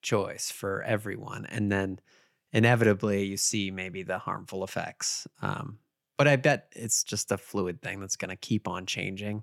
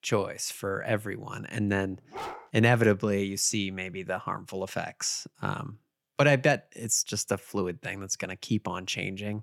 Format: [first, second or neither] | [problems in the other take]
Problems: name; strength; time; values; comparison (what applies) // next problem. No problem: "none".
first | dog barking; faint; at 2 s; peak 10 dB below the speech